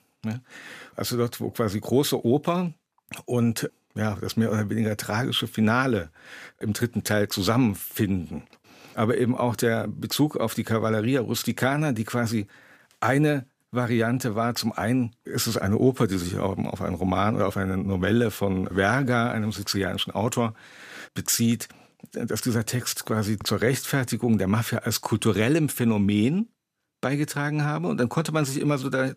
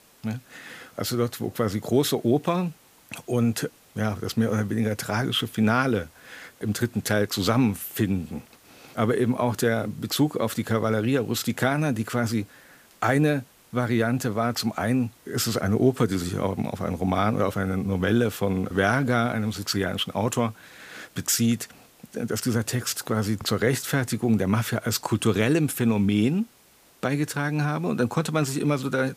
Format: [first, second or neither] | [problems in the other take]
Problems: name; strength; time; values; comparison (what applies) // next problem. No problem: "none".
first | hiss; faint; throughout; 30 dB below the speech